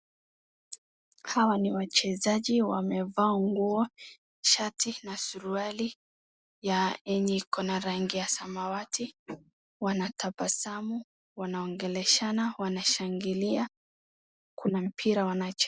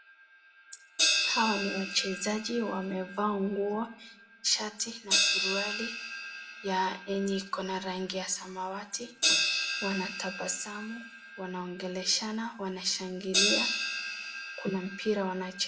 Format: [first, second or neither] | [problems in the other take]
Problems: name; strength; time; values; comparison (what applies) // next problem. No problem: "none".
first | background sound (Crash cymbal); 1 dB below the speech // room echo; dies away in 0.4 s